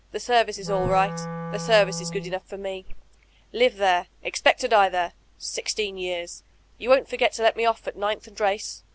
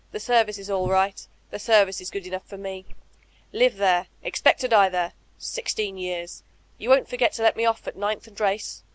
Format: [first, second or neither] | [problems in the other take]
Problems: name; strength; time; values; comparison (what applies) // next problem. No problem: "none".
second | background sound (Wind instrument, woodwind instrument); 9 dB below the speech